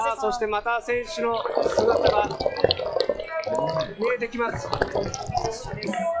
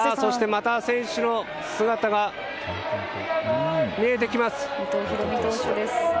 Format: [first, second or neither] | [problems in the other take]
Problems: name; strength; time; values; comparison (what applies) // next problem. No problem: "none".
second | noise reduction (classical method log-MMSE)